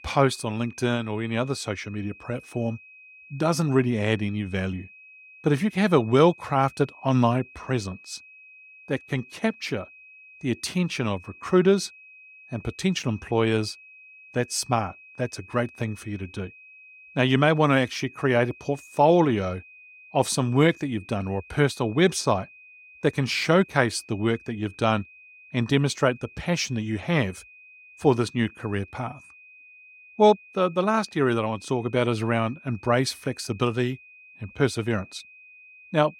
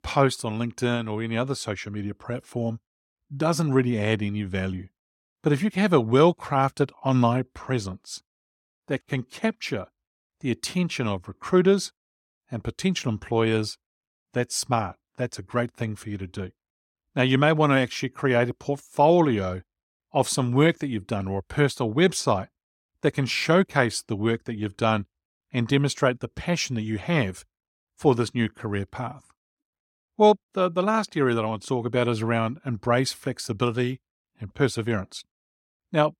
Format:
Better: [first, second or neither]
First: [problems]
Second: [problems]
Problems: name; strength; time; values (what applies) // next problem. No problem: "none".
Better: second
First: high-pitched whine; faint; throughout; 2.5 kHz, 20 dB below the speech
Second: none